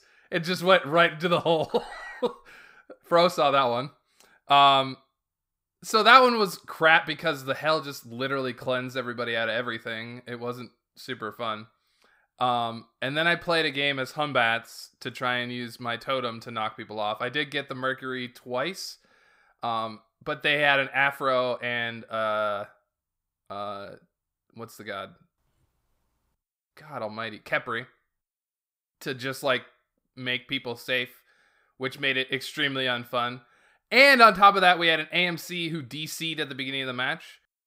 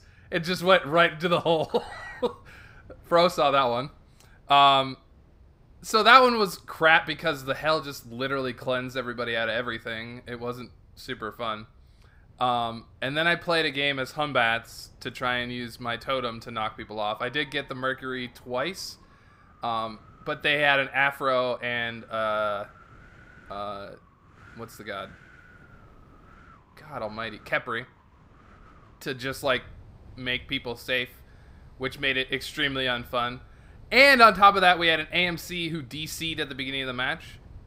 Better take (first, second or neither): first